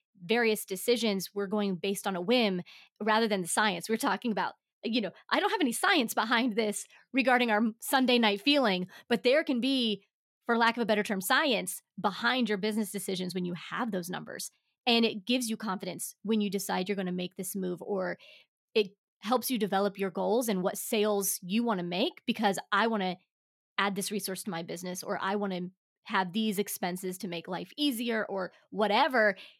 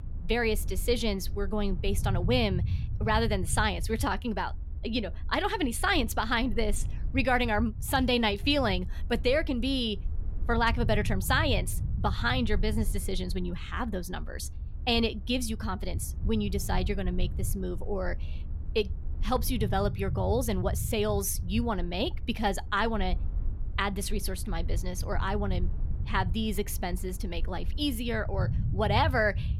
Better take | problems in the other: first | low rumble; faint; throughout; 20 dB below the speech

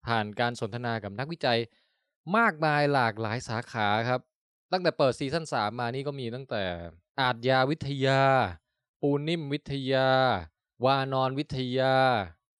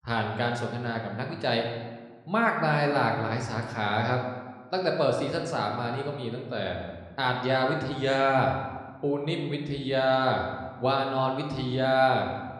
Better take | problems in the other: first | room echo; slight; dies away in 1.1 s

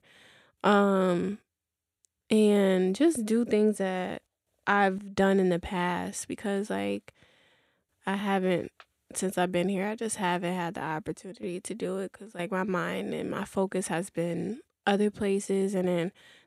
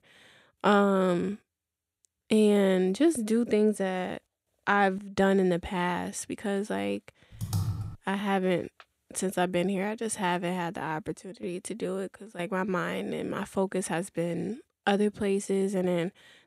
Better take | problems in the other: first | keyboard typing; noticeable; at 7.5 s; peak 3 dB below the speech

